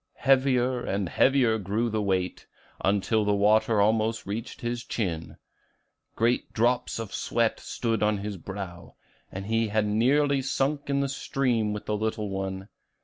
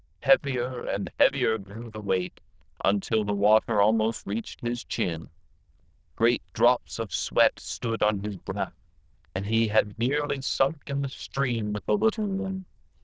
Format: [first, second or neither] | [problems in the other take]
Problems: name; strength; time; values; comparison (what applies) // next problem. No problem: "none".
first | noise reduction (neural diffusion model UNIVERSE++)